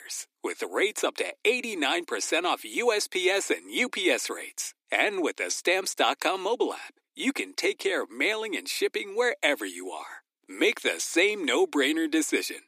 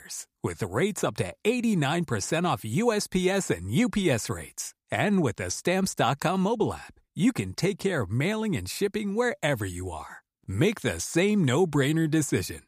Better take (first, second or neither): second